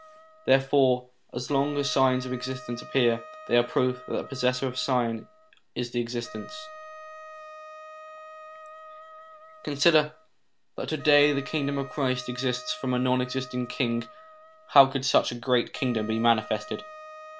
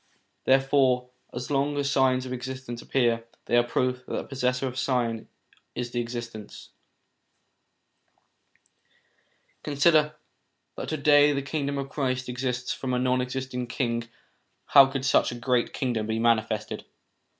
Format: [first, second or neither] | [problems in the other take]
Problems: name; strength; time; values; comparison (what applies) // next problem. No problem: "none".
second | background sound (Wind instrument, woodwind instrument); 17 dB below the speech